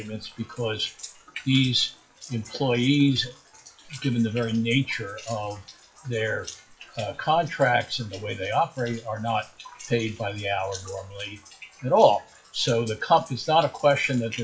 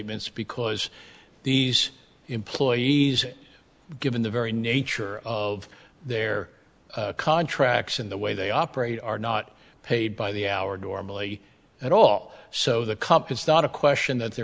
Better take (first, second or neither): second